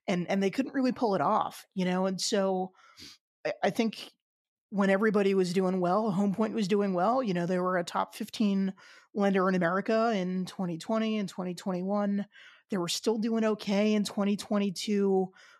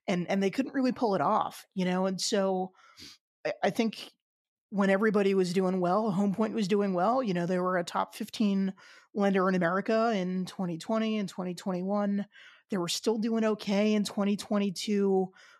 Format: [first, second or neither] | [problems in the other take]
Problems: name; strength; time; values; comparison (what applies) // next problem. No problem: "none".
neither | none